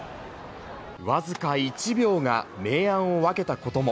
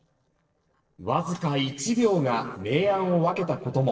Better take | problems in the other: first | noise reduction (neural separator model SepFormer DNS4)

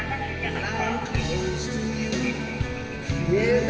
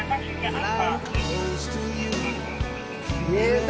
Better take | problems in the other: second | room echo; dies away in 2.1 s

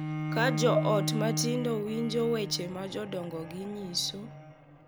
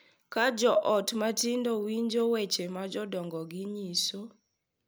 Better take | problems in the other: second | background sound (Bowed string instrument); 3 dB below the speech

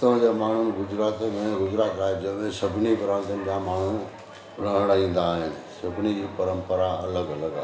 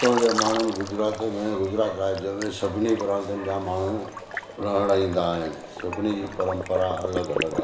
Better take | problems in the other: first | background sound (Liquid); 9 dB below the speech

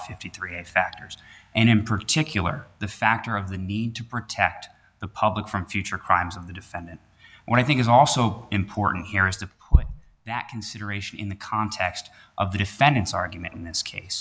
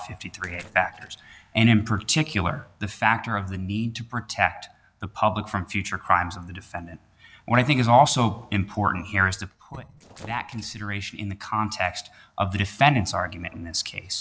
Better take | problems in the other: first | noise reduction (neural separator model SepFormer DNS4)

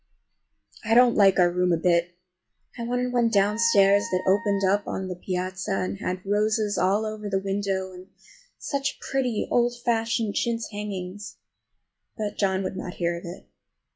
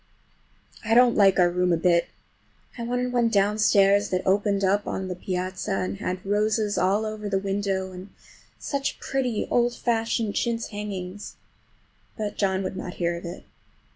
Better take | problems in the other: second | noise reduction (classical method log-MMSE)

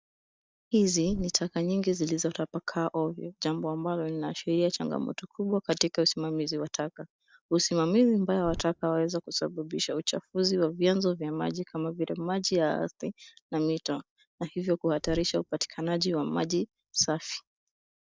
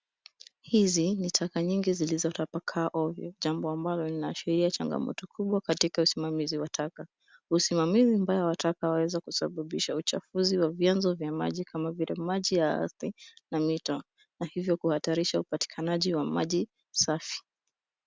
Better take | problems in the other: second | noise reduction (neural mask model DeepFilterNet 3)

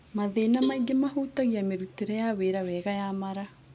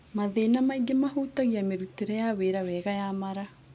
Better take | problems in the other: second | background sound (Cowbell); 17 dB below the speech

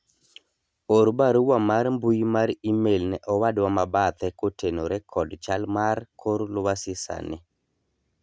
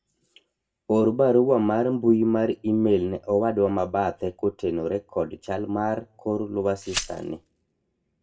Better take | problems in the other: first | background sound (Glass); 13 dB below the speech // room echo; dies away in 0.1 s

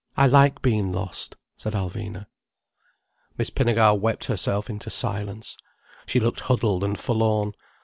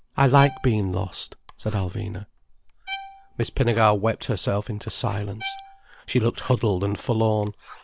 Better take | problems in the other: first | background sound (Writing + Bowed string instrument); 17 dB below the speech

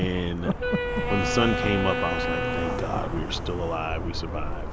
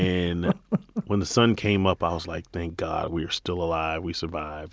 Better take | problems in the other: second | background sound (Traffic noise, roadway noise + Wind instrument, woodwind instrument); as loud as the speech

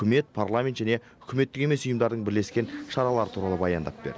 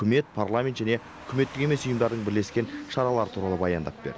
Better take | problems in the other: first | background sound (Car passing by / Truck); 20 dB below the speech

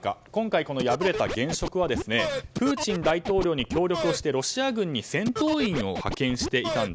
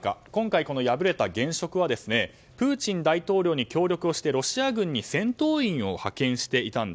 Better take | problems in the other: second | background sound (Scratching (performance technique)); 6 dB below the speech

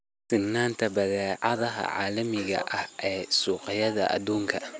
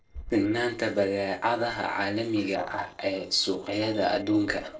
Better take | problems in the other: first | noise reduction (neural separator model SepFormer DNS4)

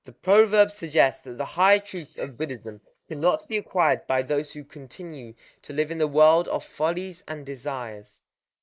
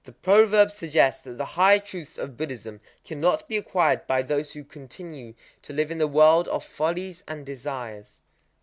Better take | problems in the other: second | noise reduction (neural mask model Resemble Enhance denoiser)

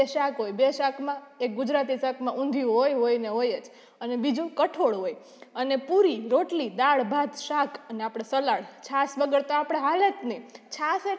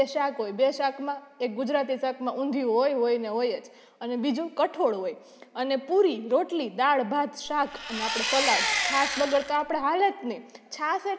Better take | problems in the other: first | background sound (Engine); 2 dB below the speech

